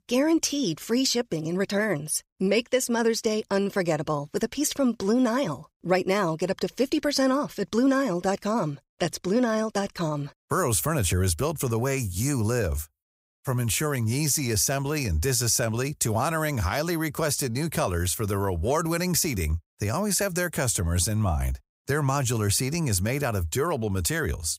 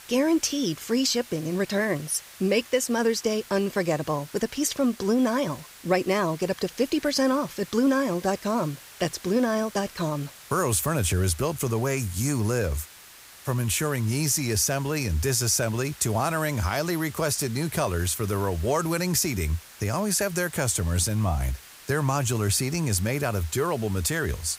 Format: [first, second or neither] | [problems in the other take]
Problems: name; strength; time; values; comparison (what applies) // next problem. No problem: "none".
first | hiss; noticeable; throughout; 20 dB below the speech